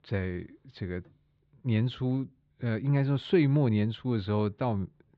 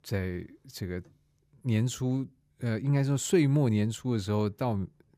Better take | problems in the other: second | muffled; very; fading above 3.5 kHz

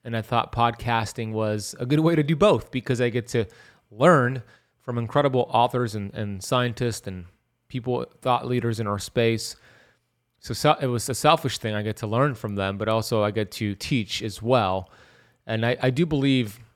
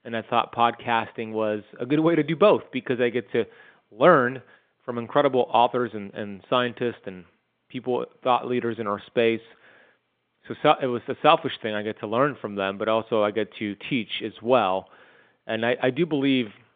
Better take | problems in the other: first | phone-call audio; nothing above 3.5 kHz

